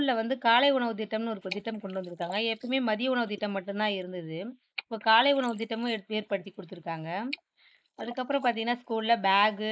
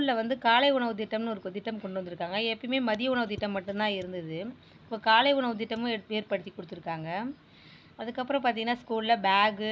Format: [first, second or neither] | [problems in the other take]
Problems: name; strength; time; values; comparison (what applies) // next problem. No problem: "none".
second | noise reduction (neural mask model Resemble Enhance denoiser)